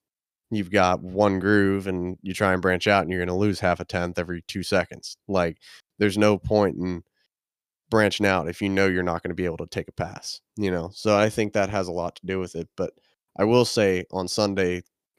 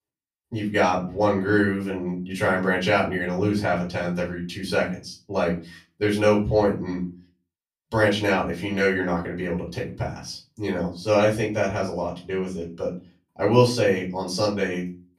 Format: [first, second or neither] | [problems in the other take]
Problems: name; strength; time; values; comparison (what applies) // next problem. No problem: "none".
first | off-mic speech; far // room echo; slight; dies away in 0.3 s